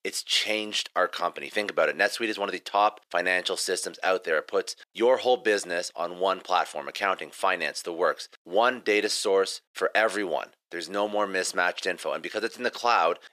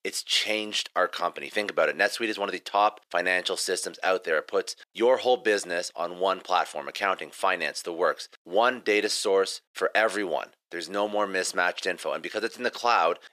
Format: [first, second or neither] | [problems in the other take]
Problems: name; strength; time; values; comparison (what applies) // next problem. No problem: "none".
neither | thin; very; fading below 400 Hz; the same in both